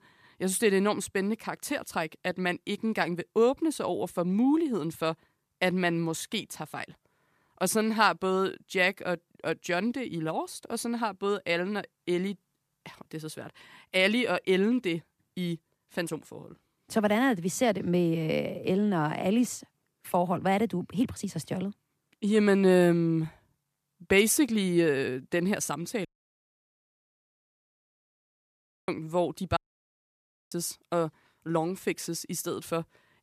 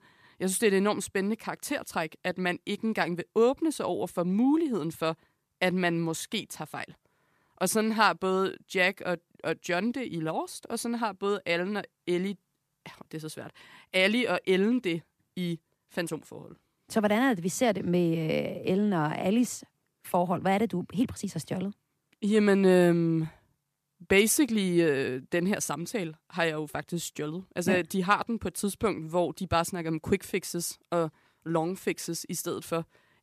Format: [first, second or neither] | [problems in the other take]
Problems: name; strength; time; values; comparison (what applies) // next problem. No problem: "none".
second | audio cutting out; at 26 s for 3 s and at 30 s for 1 s